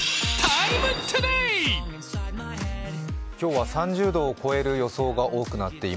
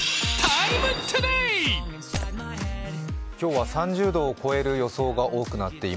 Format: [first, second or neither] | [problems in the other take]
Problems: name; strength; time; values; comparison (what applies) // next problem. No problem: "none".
first | background sound (Shatter); 17 dB below the speech